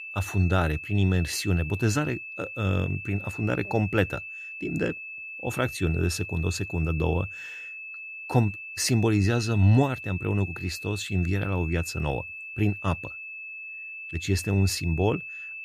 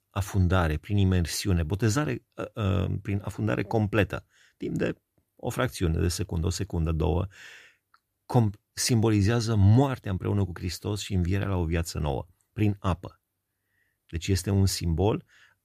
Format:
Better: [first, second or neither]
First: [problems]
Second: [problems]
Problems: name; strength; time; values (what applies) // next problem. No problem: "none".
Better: second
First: high-pitched whine; loud; throughout; 2.5 kHz, 9 dB below the speech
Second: none